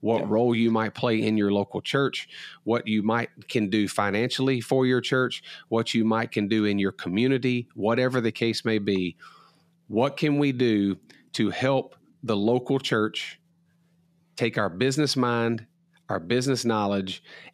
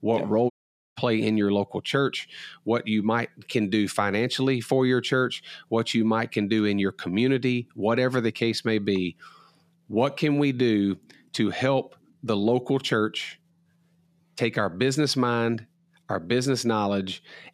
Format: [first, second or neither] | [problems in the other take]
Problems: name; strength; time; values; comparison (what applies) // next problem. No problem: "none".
first | audio cutting out; at 0.5 s